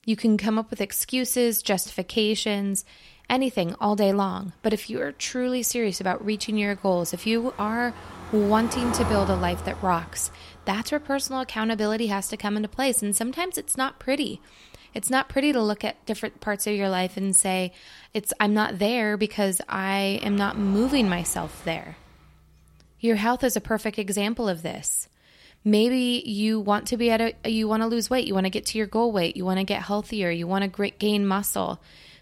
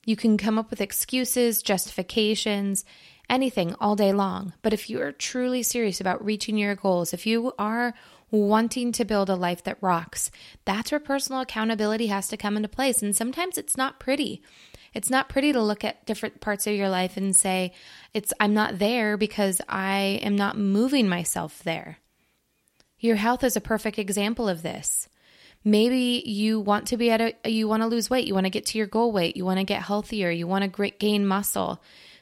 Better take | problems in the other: second | traffic noise; noticeable; throughout; 10 dB below the speech

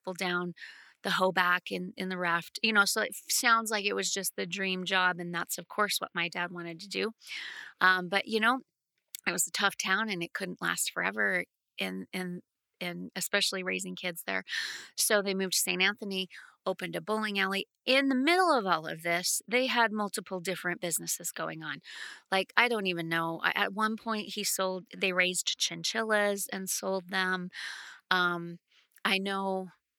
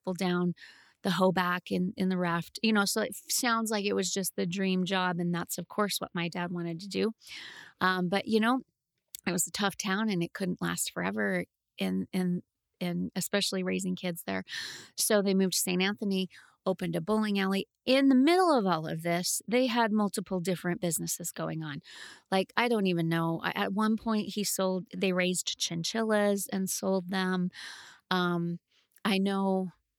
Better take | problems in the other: second | thin; somewhat; fading below 950 Hz

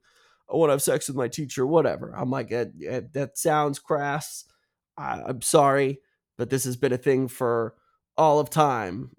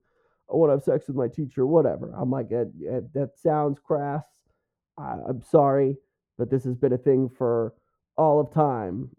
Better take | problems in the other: first | muffled; very; fading above 1.5 kHz

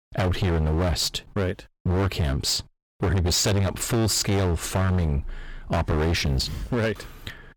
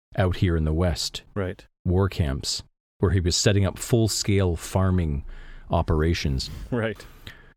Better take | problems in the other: second | distortion; heavy; 23% of the sound clipped

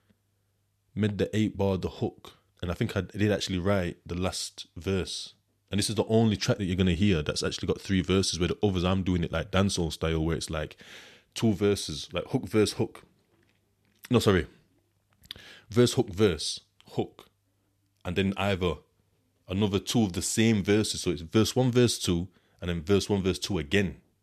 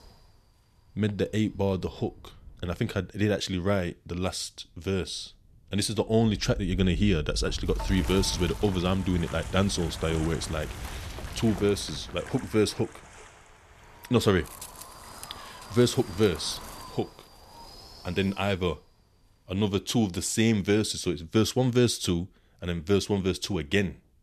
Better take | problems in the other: first | wind noise on the microphone; occasional gusts; 15 dB below the speech

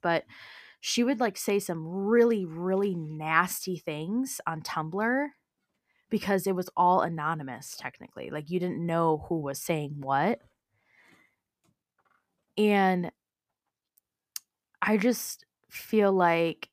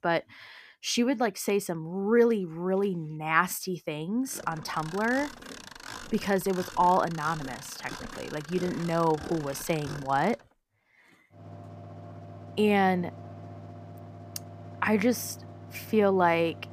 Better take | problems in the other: first | machinery noise; noticeable; from 4.5 s on; 15 dB below the speech

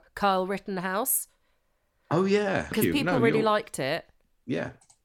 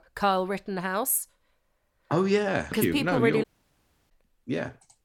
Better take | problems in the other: first | audio cutting out; at 3.5 s for 0.5 s

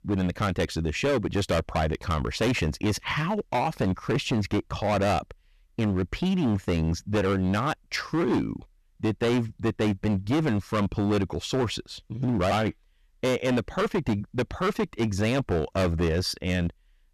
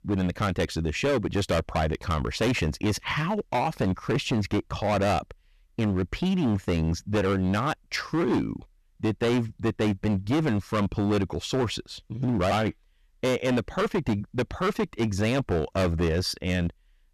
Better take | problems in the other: neither | distortion; heavy; 16% of the sound clipped; the same in both

